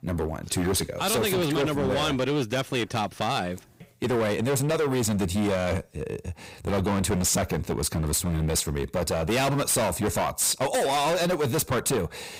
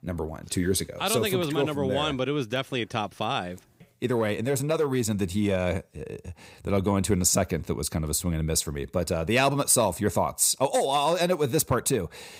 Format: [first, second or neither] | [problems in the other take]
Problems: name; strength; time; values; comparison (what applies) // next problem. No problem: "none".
second | distortion; heavy; 23% of the sound clipped